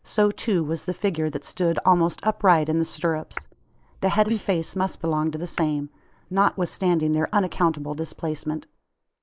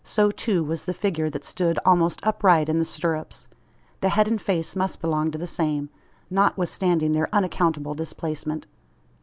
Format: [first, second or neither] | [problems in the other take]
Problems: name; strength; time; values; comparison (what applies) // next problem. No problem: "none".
second | noise reduction (neural mask model Resemble Enhance denoiser)